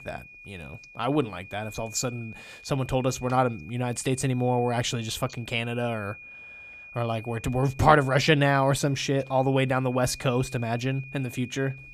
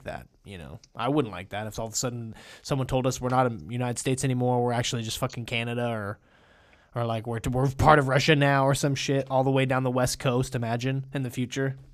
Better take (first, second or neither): second